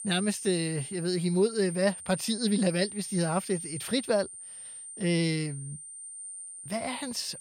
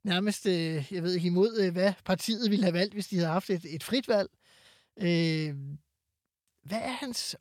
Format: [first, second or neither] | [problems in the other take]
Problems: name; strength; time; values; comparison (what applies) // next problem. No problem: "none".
second | high-pitched whine; loud; throughout; 9 kHz, 10 dB below the speech